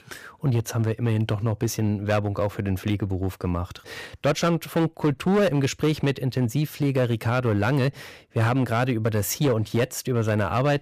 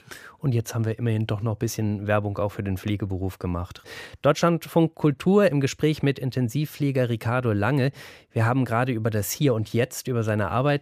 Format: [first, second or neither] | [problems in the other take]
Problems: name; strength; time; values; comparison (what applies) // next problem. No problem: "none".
second | distortion; slight; 10% of the sound clipped